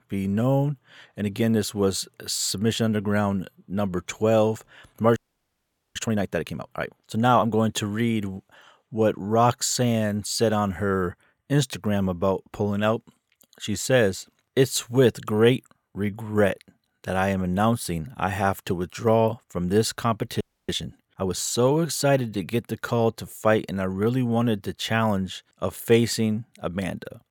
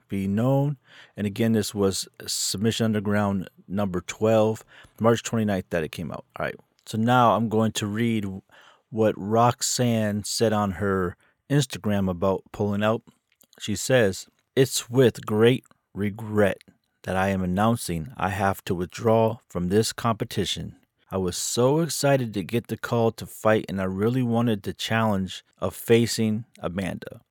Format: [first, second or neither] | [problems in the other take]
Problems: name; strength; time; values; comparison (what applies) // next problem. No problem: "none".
second | audio freezing; at 5 s for 1 s and at 20 s